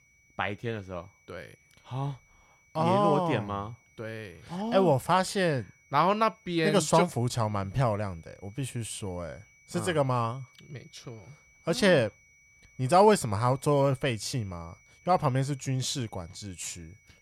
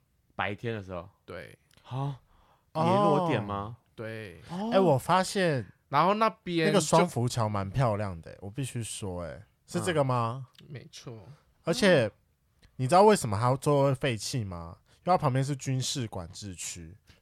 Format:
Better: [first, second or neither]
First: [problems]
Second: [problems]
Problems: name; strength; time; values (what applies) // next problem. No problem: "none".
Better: second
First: high-pitched whine; faint; throughout; 2.5 kHz, 30 dB below the speech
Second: none